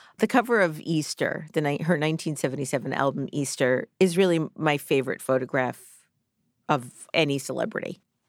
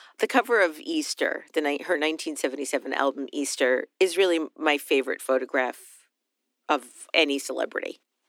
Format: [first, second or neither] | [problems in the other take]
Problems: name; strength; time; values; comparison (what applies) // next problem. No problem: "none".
first | thin; very slightly; fading below 250 Hz